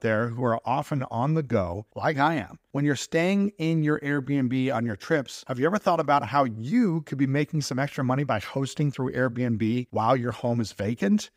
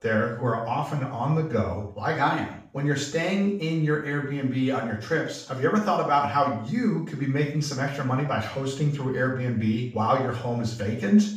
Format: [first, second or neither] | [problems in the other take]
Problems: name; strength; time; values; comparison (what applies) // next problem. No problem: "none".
first | room echo; noticeable; dies away in 0.5 s // off-mic speech; far